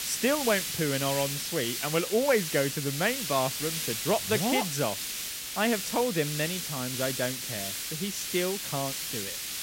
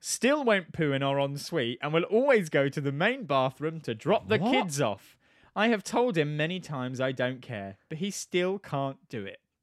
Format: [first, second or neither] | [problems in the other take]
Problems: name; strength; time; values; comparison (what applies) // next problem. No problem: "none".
second | hiss; loud; throughout; 2 dB below the speech